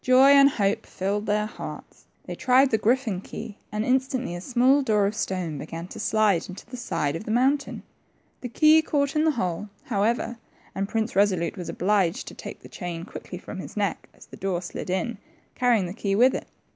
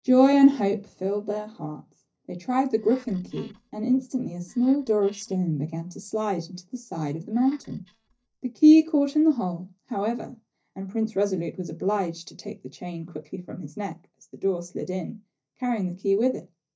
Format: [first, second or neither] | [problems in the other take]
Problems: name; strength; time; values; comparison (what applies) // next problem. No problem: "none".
first | noise reduction (neural mask model DeepFilterNet 3)